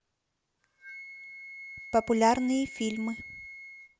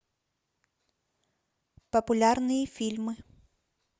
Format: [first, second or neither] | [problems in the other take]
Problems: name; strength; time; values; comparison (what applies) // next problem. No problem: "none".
second | background sound (Wind instrument, woodwind instrument); 15 dB below the speech